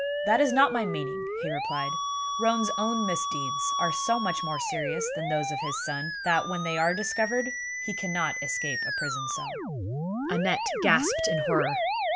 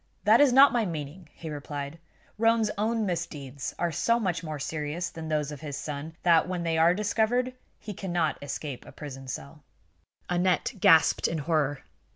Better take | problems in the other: second | background sound (Musical instrument); 1 dB below the speech

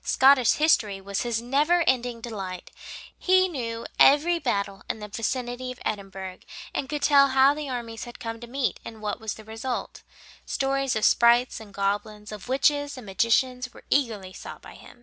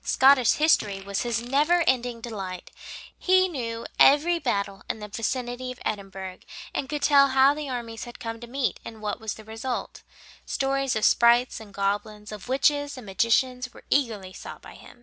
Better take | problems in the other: first | background sound (Fart); 18 dB below the speech

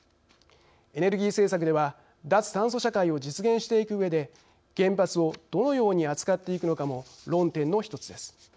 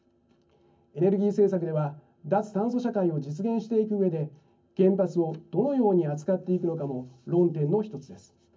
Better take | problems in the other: first | room echo; dies away in 0.3 s

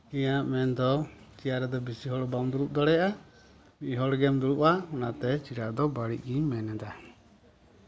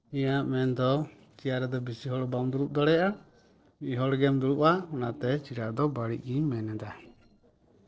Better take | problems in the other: first | noise reduction (neural separator model SepFormer DNS4)

